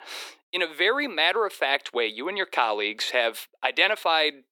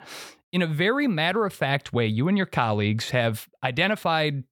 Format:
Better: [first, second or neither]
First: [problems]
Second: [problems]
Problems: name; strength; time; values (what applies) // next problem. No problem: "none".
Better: second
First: thin; very; fading below 300 Hz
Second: none